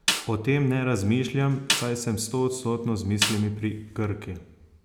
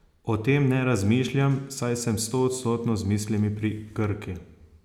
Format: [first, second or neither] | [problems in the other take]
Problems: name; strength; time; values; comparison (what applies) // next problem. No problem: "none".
second | background sound (Snare drum); 7 dB below the speech